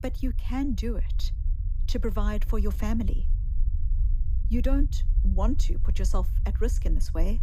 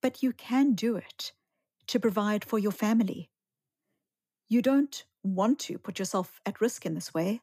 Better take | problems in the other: second | low rumble; noticeable; throughout; 15 dB below the speech

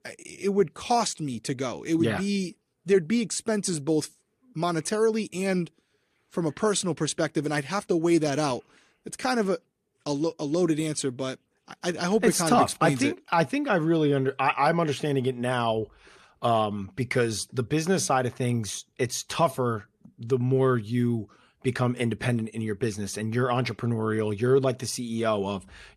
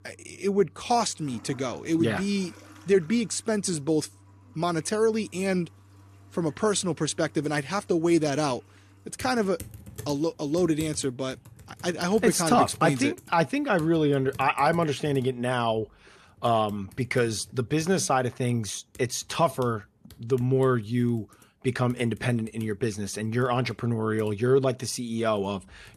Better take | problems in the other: first | household noises; faint; throughout; 25 dB below the speech

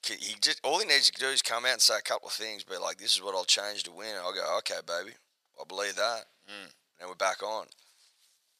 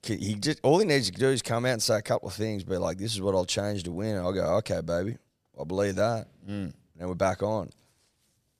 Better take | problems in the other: second | thin; very; fading below 1 kHz

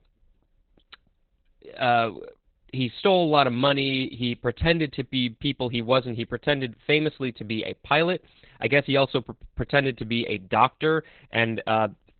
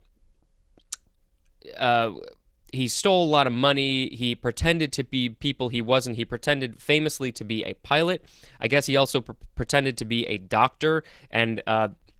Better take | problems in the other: second | garbled, watery; badly; nothing above 4 kHz; slightly in the second

